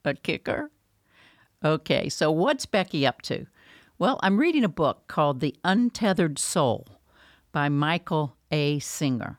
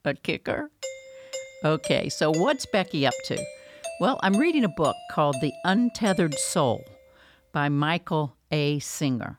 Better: first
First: none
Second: doorbell; noticeable; from 1 to 7 s; peak 9 dB below the speech

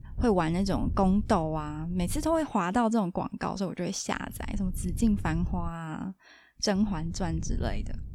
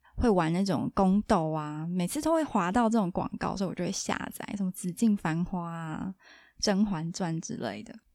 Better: second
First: wind noise on the microphone; occasional gusts; until 2.5 s, from 4 to 5.5 s and from 7 s on; 20 dB below the speech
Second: none

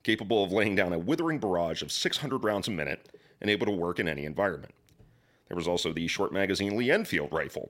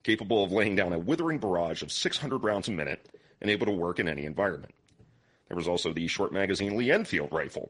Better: first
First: none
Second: garbled, watery; slightly; nothing above 10.5 kHz

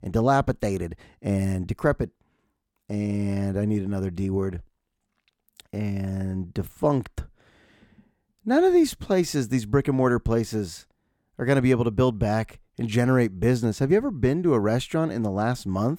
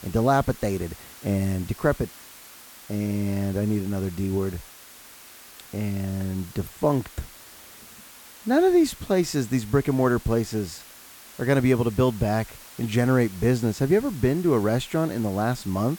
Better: first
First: none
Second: hiss; noticeable; throughout; 20 dB below the speech

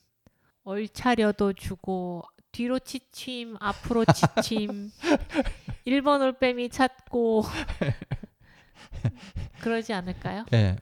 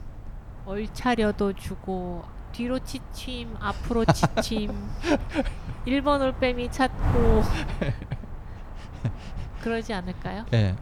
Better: first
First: none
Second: wind noise on the microphone; occasional gusts; 15 dB below the speech

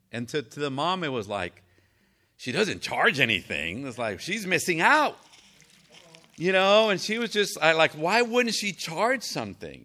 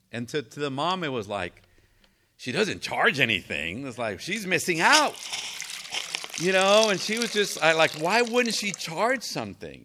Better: first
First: hiss; faint; throughout; 25 dB below the speech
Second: hiss; loud; throughout; 6 dB below the speech

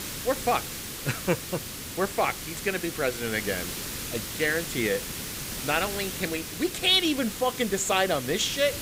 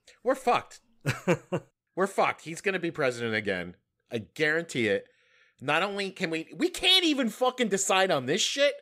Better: second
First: hiss; loud; throughout; 6 dB below the speech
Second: none

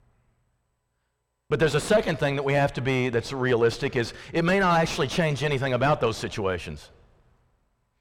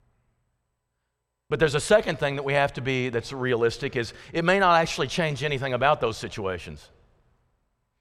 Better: second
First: distortion; heavy; 7 dB below the speech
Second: none

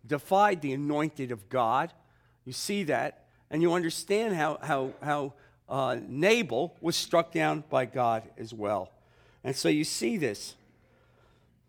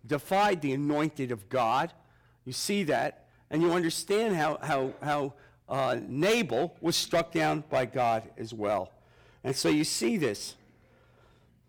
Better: first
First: none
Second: distortion; slight; 5% of the sound clipped

